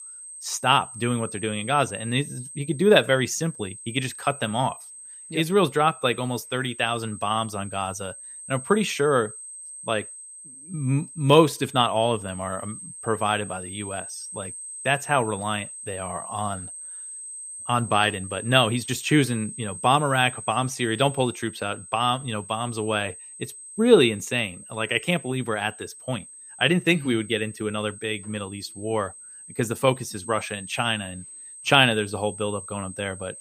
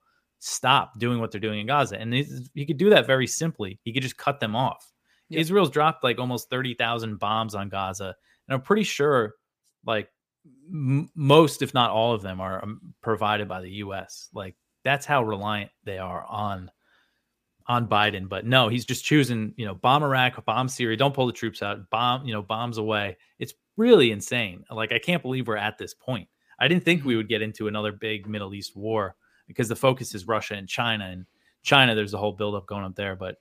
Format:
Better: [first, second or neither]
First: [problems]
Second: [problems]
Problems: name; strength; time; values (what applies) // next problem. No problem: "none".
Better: second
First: high-pitched whine; noticeable; throughout; 8.5 kHz, 15 dB below the speech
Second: none